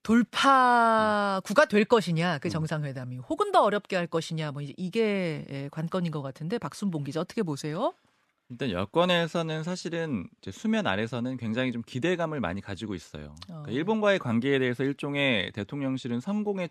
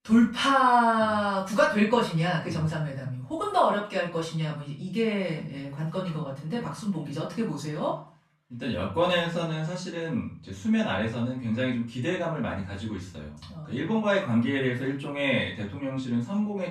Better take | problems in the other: first | off-mic speech; far // room echo; slight; dies away in 0.4 s

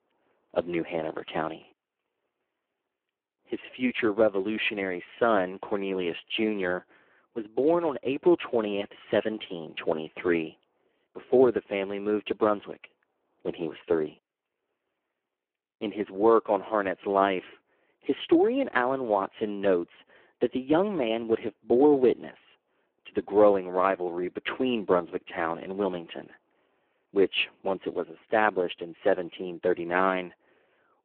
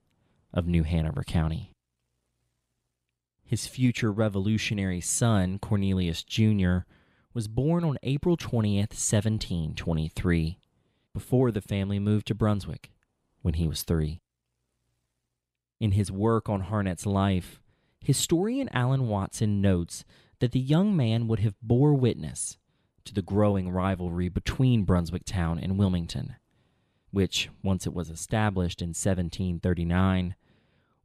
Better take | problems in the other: second | phone-call audio; poor line

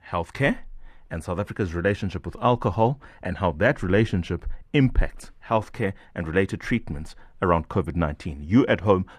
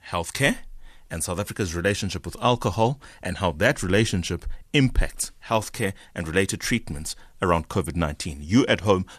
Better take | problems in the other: second | muffled; very; fading above 3.5 kHz

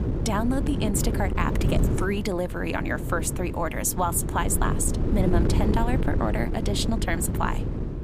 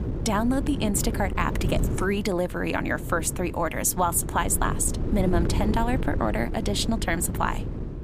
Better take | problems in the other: second | wind noise on the microphone; heavy; 6 dB below the speech; occasional gusts in the second

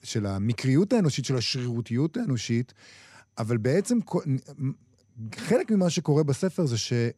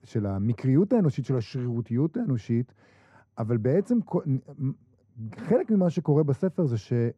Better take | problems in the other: first | muffled; very; fading above 2 kHz

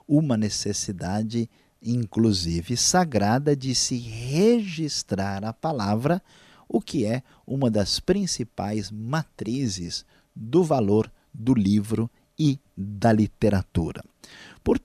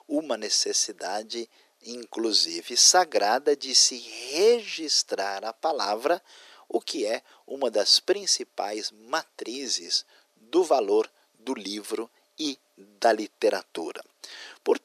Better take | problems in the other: first | thin; very; fading below 350 Hz

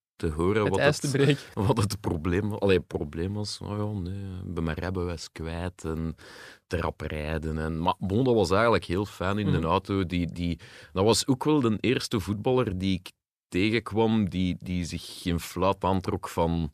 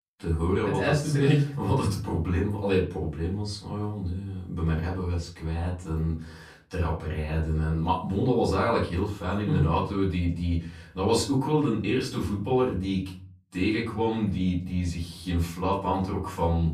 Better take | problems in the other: first | off-mic speech; far // room echo; slight; dies away in 0.4 s

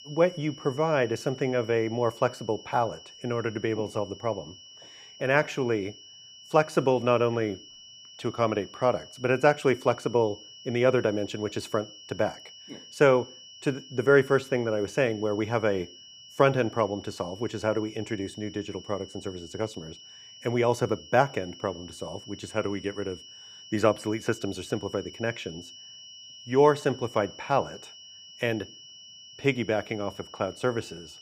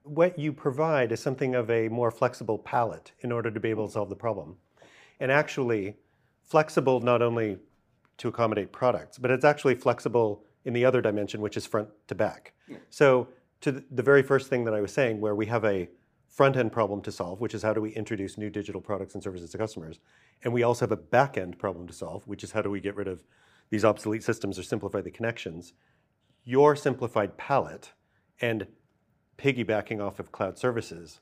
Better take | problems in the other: second | high-pitched whine; noticeable; throughout; 3 kHz, 20 dB below the speech

